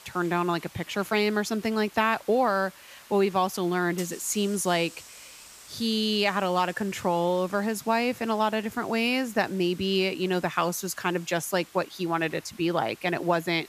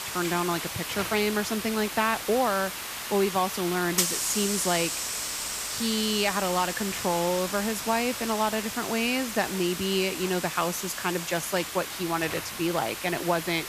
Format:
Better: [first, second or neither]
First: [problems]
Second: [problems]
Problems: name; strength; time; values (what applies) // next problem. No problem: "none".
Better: first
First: hiss; faint; throughout; 20 dB below the speech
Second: hiss; loud; throughout; 4 dB below the speech